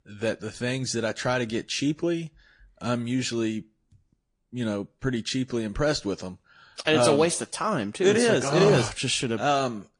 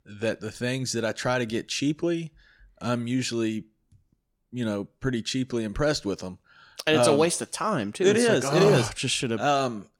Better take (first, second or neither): second